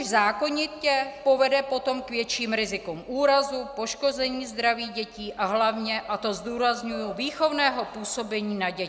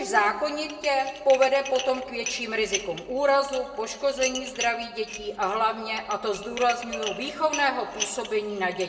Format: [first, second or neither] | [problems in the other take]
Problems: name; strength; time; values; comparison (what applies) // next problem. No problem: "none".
first | background sound (Dishes, pots, and pans); 12 dB below the speech // room echo; dies away in 0.9 s